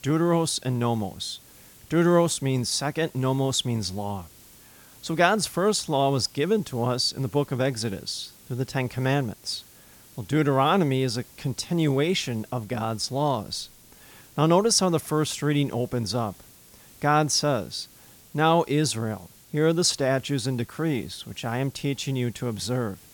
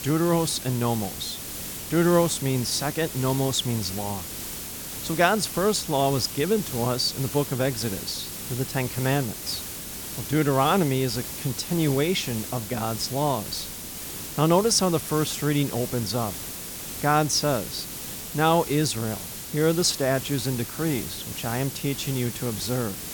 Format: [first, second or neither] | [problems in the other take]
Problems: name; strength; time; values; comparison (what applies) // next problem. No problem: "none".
first | hiss; loud; throughout; 8 dB below the speech; faint in the first